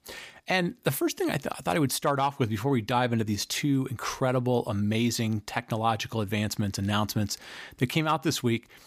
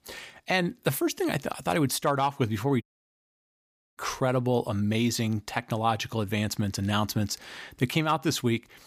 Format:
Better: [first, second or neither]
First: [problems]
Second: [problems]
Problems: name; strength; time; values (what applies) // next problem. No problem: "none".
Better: first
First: none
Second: audio cutting out; at 3 s for 1 s